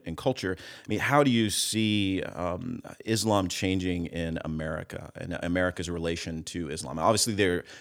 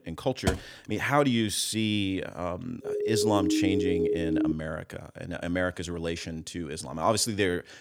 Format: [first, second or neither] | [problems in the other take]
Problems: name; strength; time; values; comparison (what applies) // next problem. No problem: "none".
first | door banging; noticeable; at 0.5 s; peak 3 dB below the speech // siren; loud; from 3 to 4.5 s; peak 3 dB above the speech